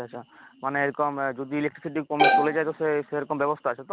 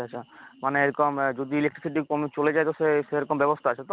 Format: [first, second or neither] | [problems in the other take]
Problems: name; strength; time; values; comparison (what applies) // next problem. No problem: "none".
second | background sound (Bowed string instrument); 5 dB above the speech